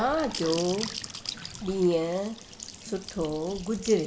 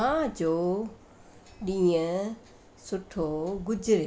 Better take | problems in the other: second | background sound (Trickle, dribble / Bathtub (filling or washing) / Sink (filling or washing) / Gurgling / Splash, splatter); 11 dB below the speech

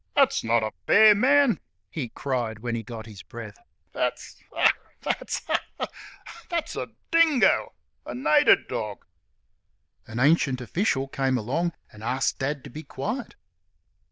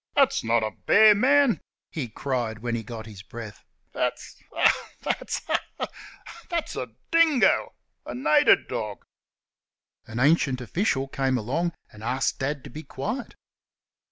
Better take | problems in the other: second | noise reduction (neural diffusion model UNIVERSE++)

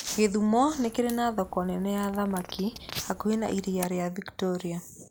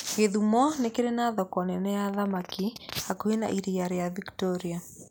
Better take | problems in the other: second | background sound (Crack); 18 dB below the speech

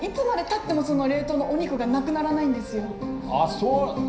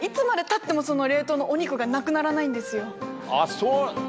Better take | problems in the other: second | background sound (Keyboard (musical)); 19 dB below the speech // room echo; dies away in 0.5 s

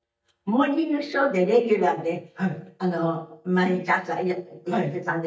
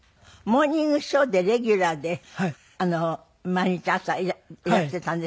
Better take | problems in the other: second | noise reduction (neural mask model DeepFilterNet 3)

